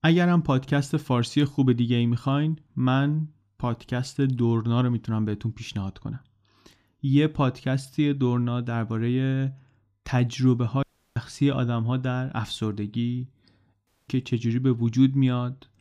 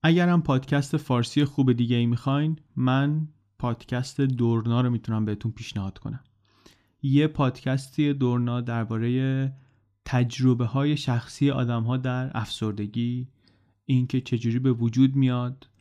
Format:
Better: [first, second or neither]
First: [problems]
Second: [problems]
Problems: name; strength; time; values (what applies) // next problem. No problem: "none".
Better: second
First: audio cutting out; at 11 s and at 14 s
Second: none